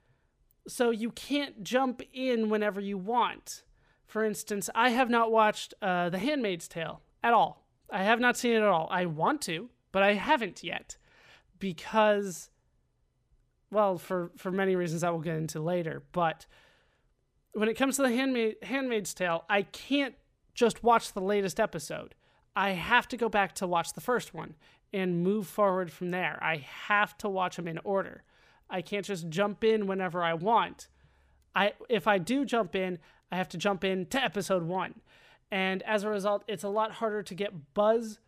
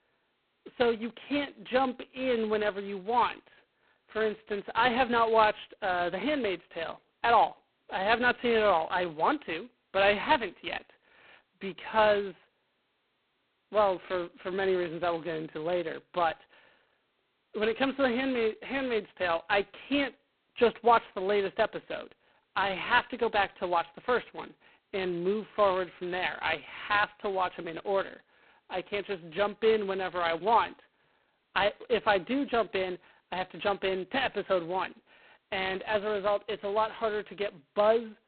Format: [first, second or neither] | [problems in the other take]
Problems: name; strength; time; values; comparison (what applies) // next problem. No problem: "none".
first | phone-call audio; poor line; nothing above 4 kHz